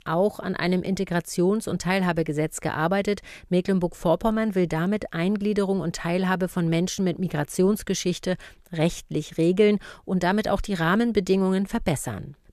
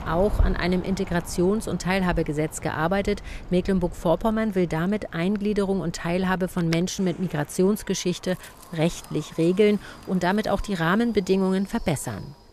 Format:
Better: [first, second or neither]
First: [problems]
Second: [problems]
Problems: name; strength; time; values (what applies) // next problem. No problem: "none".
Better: first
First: none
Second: wind in the background; noticeable; throughout; 15 dB below the speech